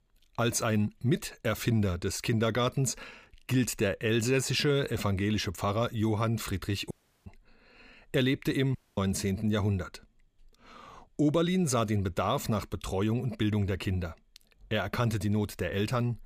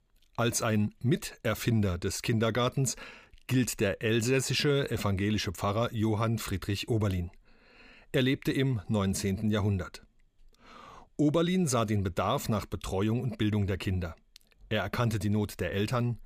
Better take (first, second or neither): second